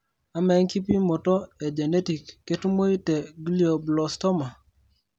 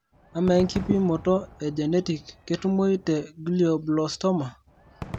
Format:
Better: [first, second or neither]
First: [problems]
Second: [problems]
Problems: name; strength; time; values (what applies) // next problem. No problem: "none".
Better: first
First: none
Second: background sound (Crowd / Cheering / Fireworks); 17 dB below the speech